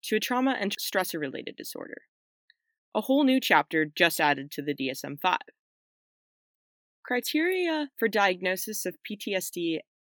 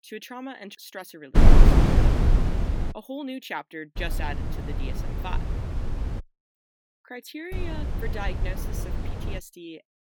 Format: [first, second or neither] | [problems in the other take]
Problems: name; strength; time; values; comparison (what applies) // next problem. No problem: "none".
first | wind noise on the microphone; heavy; from 1.5 to 3 s, from 4 to 6 s and from 7.5 to 9.5 s; 3 dB above the speech